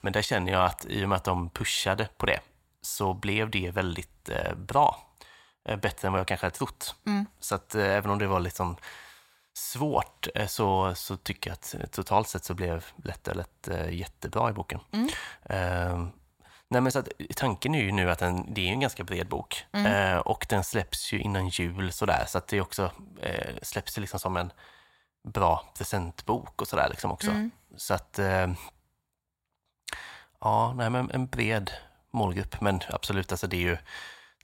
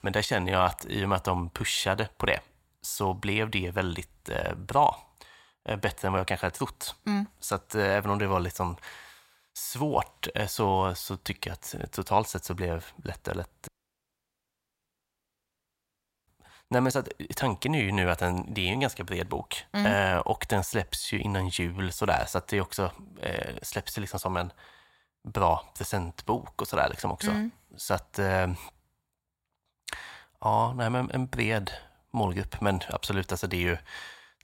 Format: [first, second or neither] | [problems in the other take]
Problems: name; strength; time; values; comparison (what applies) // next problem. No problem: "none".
first | audio cutting out; at 14 s for 2.5 s